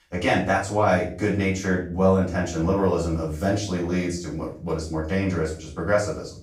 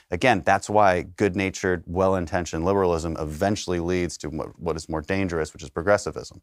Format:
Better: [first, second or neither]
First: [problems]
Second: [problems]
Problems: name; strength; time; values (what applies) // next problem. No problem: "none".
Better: second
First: off-mic speech; far // room echo; noticeable; dies away in 0.4 s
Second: none